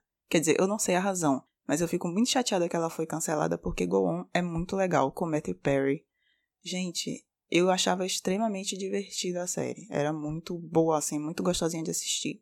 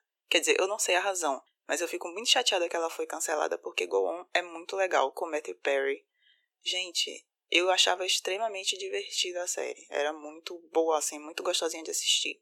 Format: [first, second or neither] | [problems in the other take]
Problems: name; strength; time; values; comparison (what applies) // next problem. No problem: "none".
first | thin; very; fading below 350 Hz